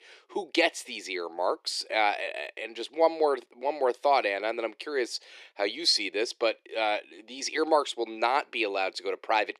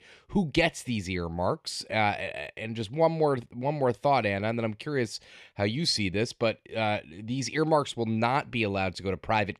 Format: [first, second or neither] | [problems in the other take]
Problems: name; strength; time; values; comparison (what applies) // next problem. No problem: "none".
second | thin; very; fading below 350 Hz